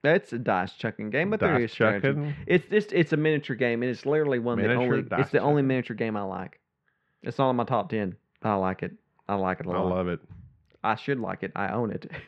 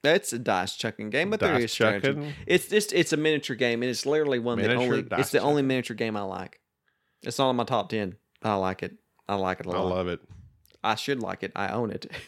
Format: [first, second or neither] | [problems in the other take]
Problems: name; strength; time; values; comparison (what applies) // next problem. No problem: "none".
second | muffled; very; fading above 2 kHz